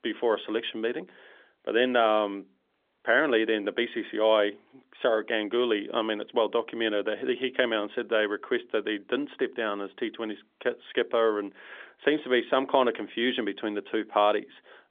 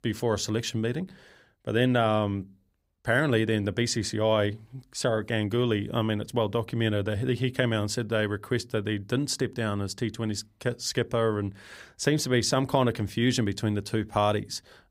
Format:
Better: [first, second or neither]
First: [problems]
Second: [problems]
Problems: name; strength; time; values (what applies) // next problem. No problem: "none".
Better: second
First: phone-call audio; nothing above 3.5 kHz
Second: none